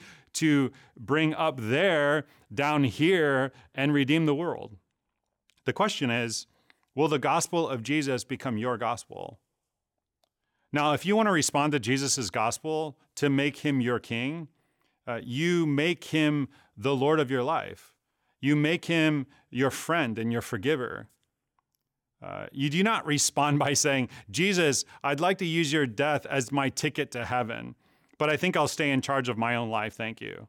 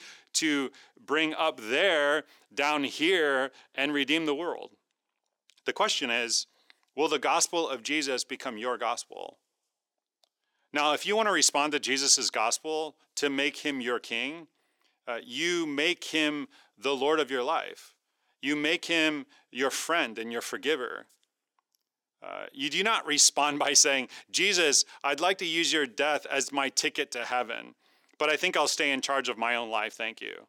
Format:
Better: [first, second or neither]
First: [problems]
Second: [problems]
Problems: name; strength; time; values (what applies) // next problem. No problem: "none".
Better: first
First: none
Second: thin; somewhat; fading below 300 Hz